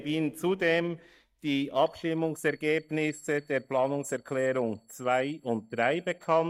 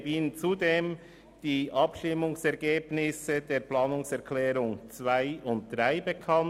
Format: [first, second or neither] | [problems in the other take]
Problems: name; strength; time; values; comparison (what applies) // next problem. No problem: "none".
second | noise reduction (neural mask model DeepFilterNet 3)